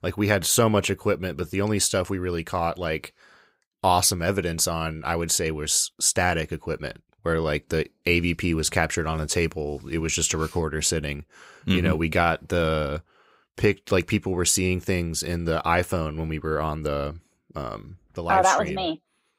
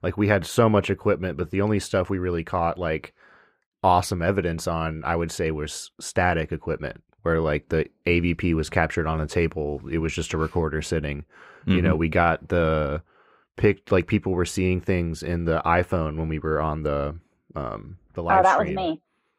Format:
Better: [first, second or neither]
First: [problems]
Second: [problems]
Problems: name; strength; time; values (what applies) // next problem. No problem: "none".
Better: first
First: none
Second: muffled; slightly; fading above 3.5 kHz